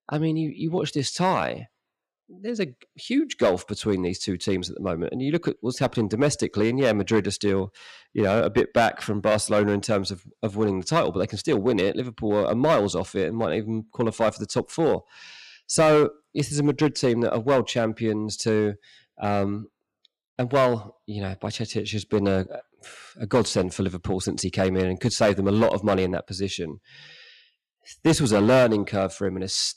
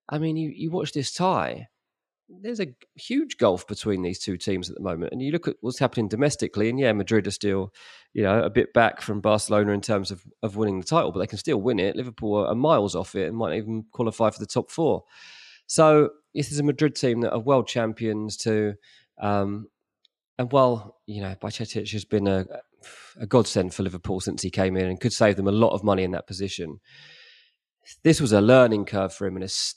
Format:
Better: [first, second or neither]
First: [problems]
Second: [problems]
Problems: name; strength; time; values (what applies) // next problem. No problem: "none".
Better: second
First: distortion; slight; 3% of the sound clipped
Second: none